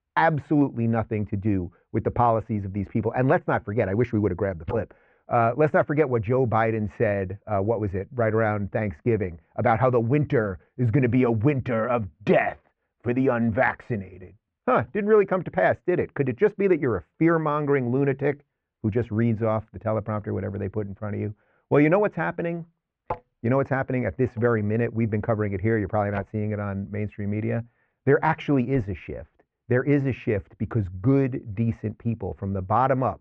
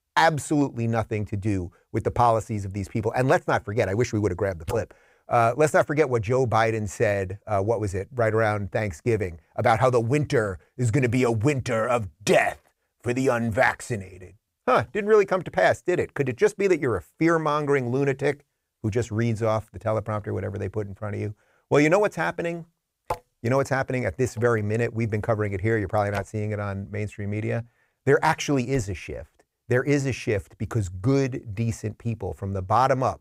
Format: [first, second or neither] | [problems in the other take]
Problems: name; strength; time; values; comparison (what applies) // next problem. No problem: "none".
second | muffled; very; fading above 2.5 kHz